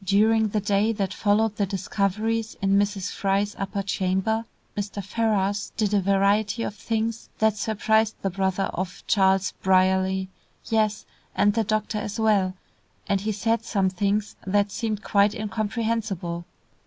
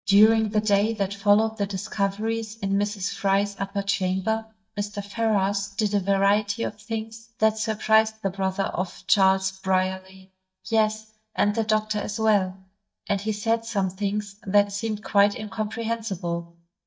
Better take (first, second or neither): first